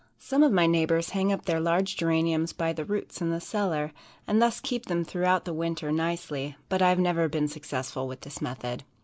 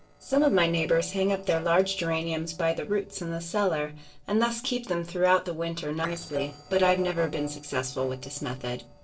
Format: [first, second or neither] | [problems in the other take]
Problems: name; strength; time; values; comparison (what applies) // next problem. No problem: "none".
first | noise reduction (neural separator model SepFormer DNS4)